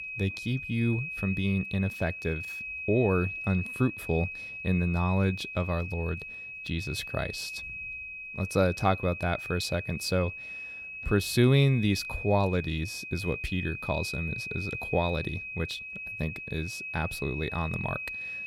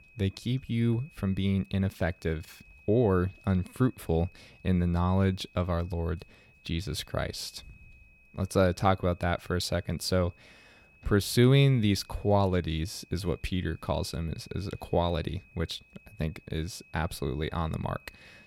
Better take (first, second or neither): second